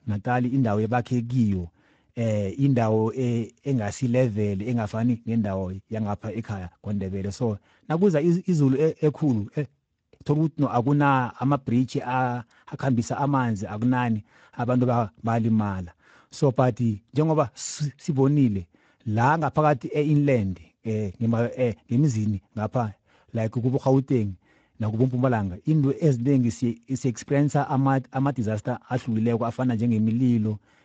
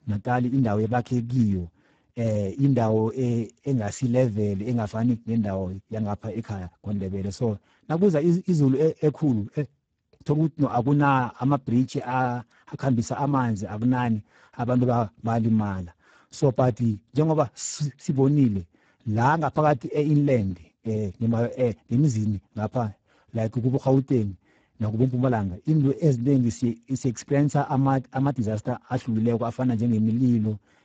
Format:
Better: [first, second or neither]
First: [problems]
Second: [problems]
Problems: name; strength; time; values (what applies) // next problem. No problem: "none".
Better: first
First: garbled, watery; slightly; nothing above 7.5 kHz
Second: garbled, watery; badly; nothing above 7.5 kHz